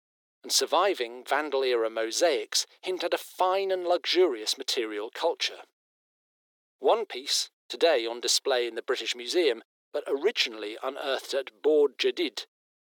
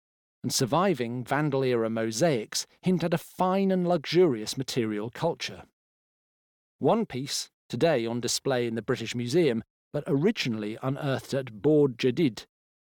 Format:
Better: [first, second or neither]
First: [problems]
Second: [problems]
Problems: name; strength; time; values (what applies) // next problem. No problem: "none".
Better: second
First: thin; very; fading below 350 Hz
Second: none